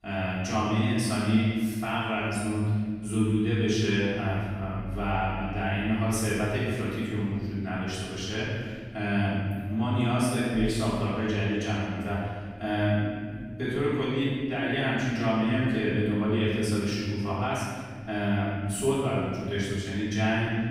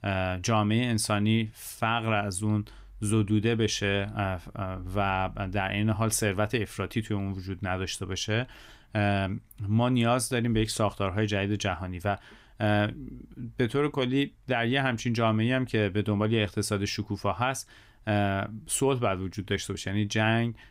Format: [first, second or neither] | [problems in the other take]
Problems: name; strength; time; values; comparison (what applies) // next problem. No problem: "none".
second | room echo; strong; dies away in 1.8 s // off-mic speech; far